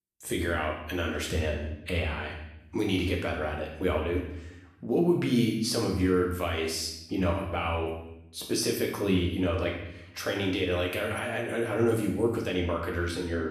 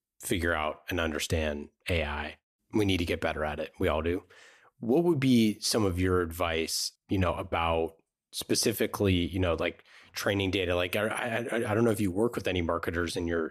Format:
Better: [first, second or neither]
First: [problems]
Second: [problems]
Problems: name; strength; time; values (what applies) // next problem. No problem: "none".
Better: second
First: room echo; noticeable; dies away in 0.8 s // off-mic speech; somewhat distant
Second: none